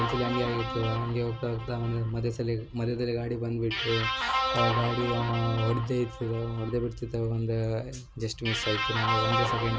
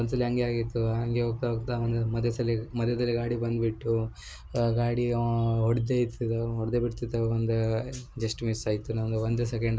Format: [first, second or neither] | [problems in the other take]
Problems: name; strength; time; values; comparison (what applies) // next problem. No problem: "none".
second | background sound (Guitar); 4 dB below the speech